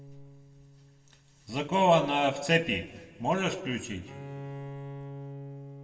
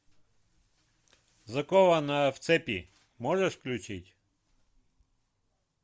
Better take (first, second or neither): second